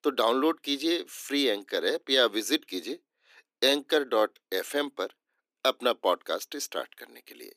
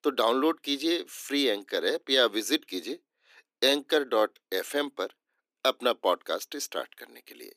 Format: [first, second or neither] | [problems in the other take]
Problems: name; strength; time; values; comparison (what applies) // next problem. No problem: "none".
neither | thin; very slightly; fading below 300 Hz; the same in both